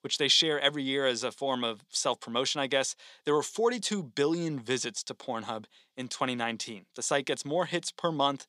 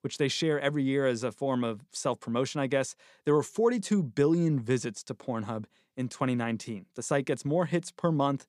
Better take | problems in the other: second | thin; very slightly; fading below 550 Hz

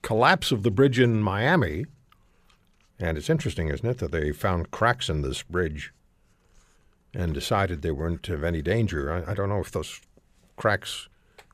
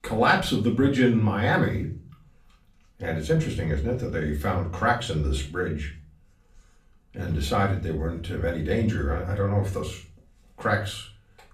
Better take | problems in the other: first | off-mic speech; far // room echo; slight; dies away in 0.3 s

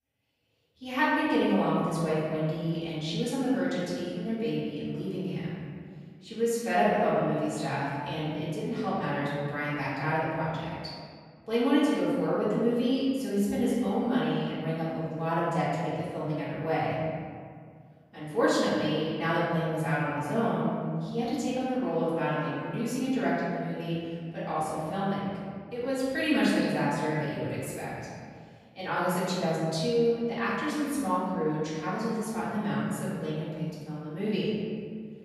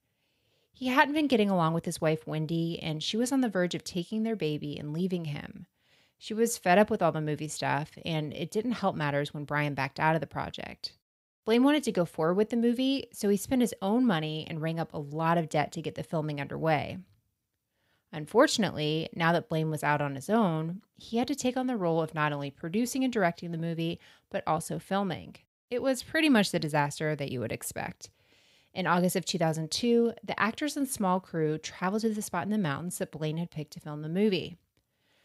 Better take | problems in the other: second | off-mic speech; far // room echo; strong; dies away in 1.9 s

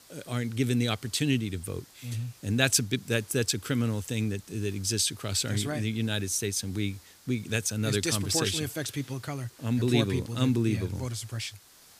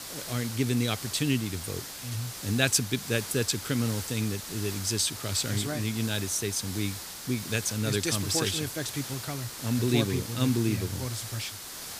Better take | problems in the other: first | hiss; loud; throughout; 8 dB below the speech; faint in the first

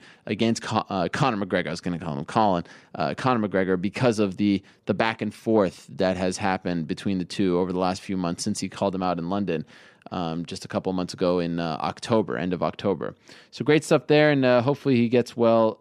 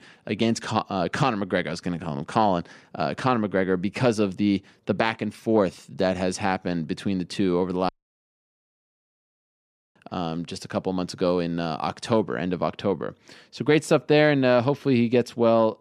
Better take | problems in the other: first | audio cutting out; at 8 s for 2 s

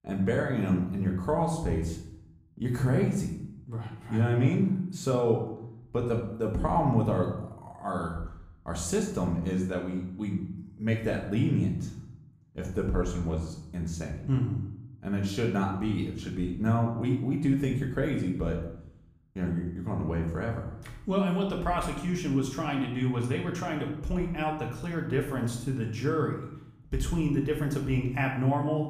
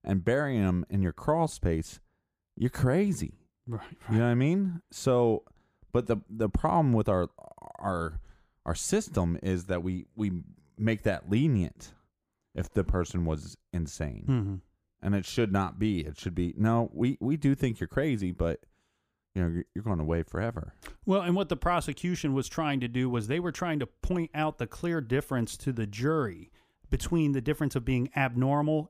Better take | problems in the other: second | room echo; noticeable; dies away in 0.6 s // off-mic speech; somewhat distant

